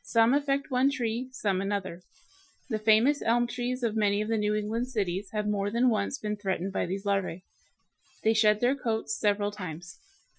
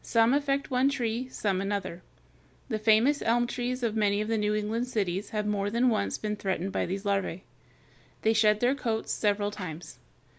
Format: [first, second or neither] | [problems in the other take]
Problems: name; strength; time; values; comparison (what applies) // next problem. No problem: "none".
second | noise reduction (classical method Wiener filter)